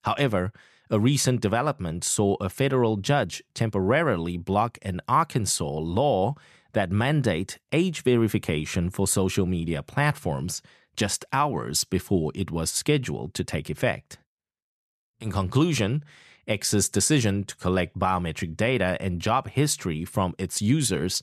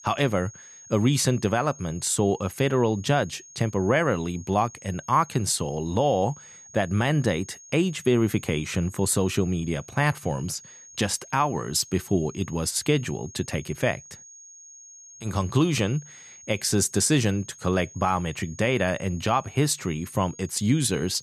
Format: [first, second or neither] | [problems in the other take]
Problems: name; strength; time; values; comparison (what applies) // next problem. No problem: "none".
first | high-pitched whine; noticeable; throughout; 6.5 kHz, 20 dB below the speech